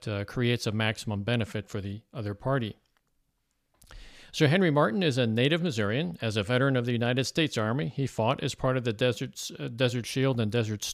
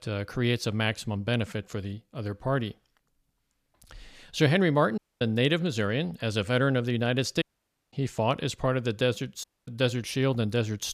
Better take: first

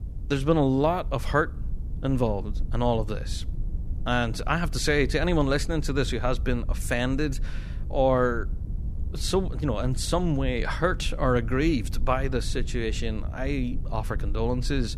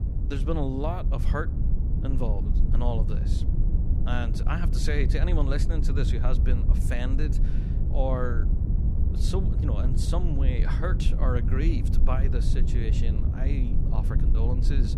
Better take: first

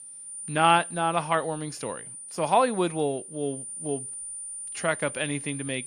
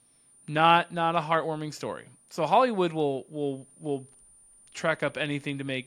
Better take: second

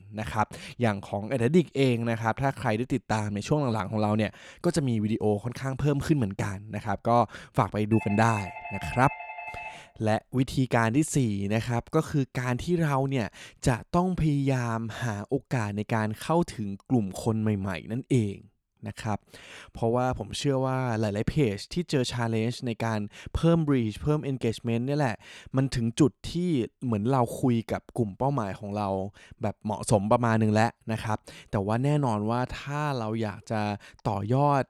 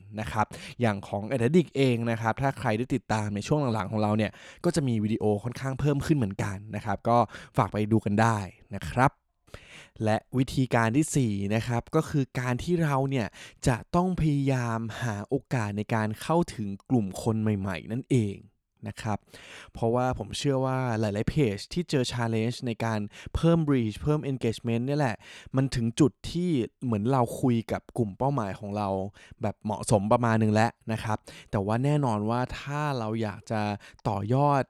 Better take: second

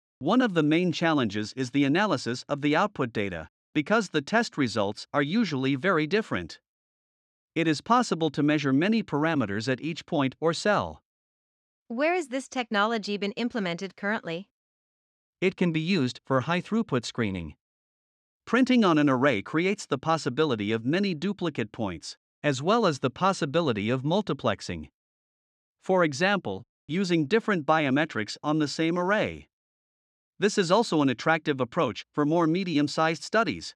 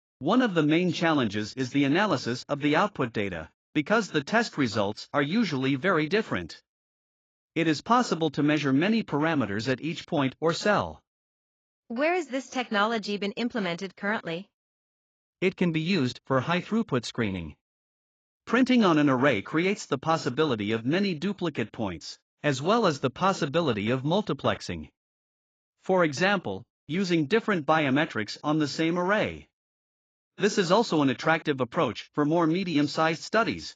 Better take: first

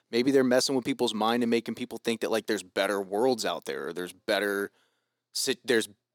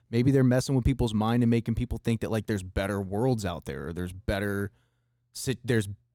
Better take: second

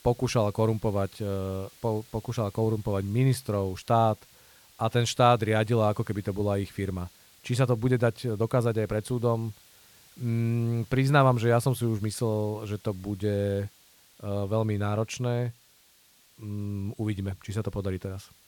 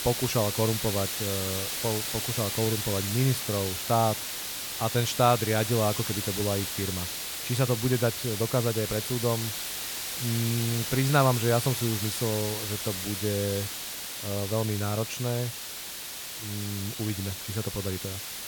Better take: first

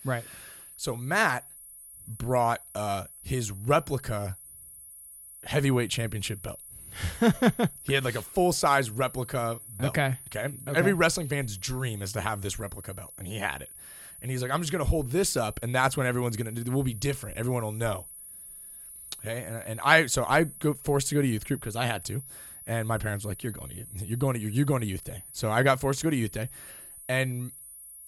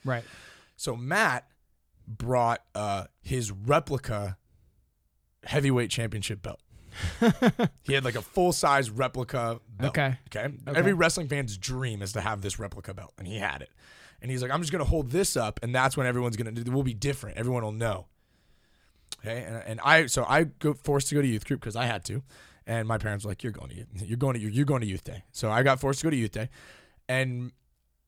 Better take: second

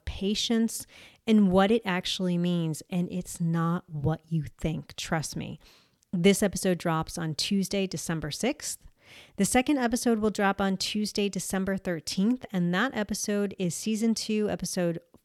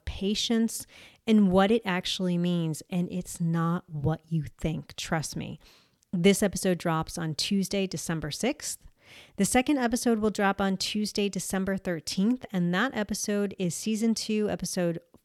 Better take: neither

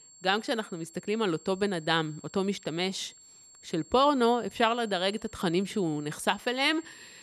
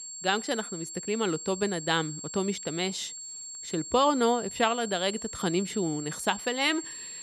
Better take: first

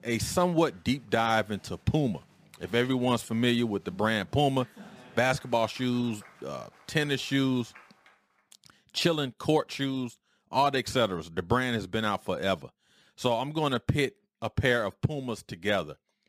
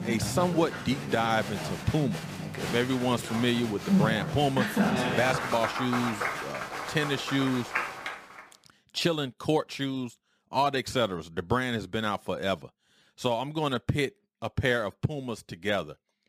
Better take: first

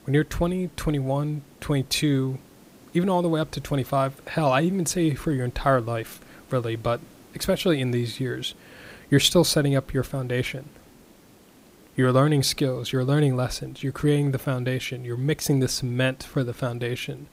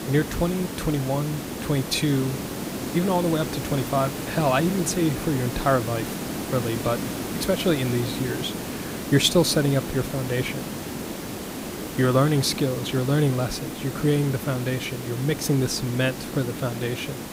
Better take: first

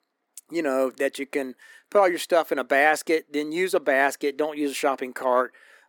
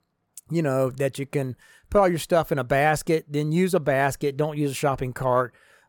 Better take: second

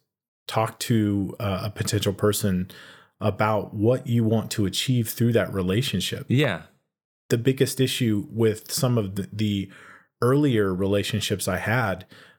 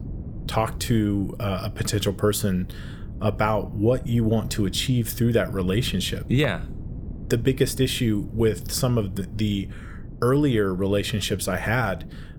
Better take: first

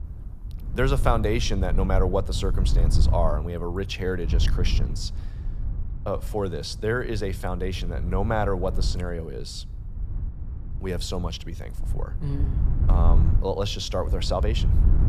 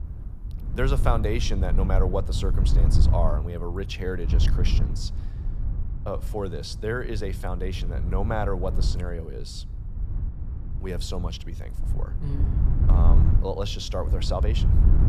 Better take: first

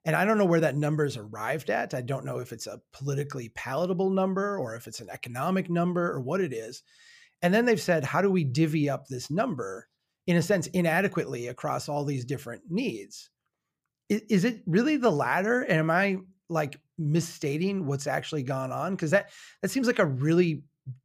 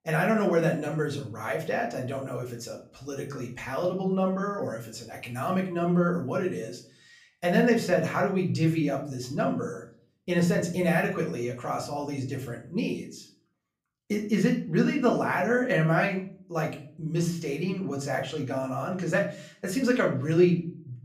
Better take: first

